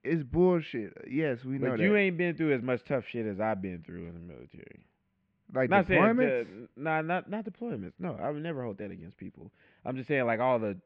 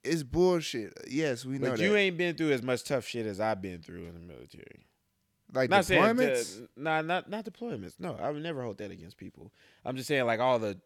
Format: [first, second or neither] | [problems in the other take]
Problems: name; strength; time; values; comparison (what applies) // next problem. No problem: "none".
second | muffled; very; fading above 2.5 kHz